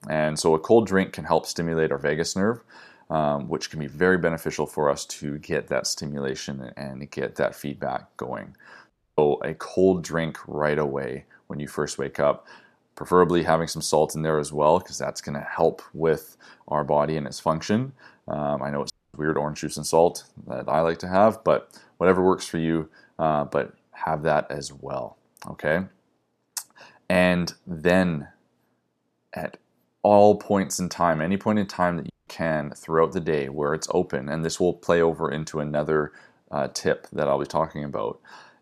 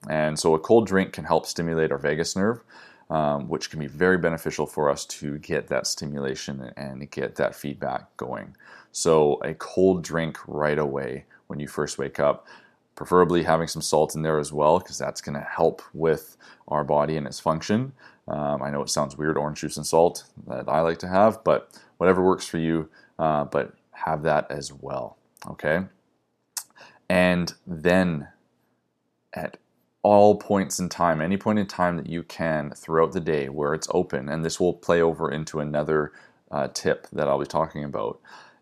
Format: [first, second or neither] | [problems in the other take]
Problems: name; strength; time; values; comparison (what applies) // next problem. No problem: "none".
second | audio cutting out; at 9 s, at 19 s and at 32 s